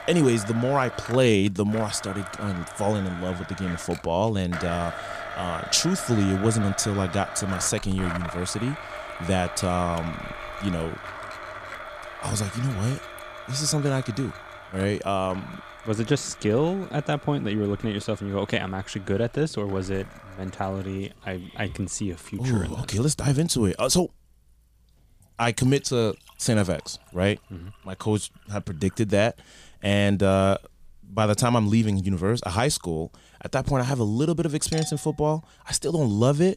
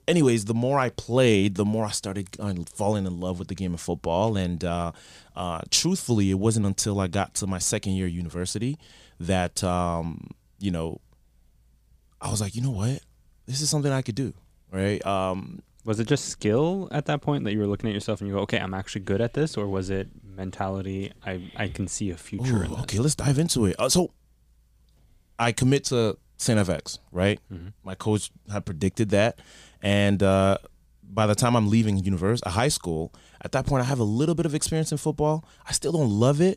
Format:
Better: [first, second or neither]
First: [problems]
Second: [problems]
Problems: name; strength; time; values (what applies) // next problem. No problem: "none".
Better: second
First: household noises; noticeable; throughout; 10 dB below the speech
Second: none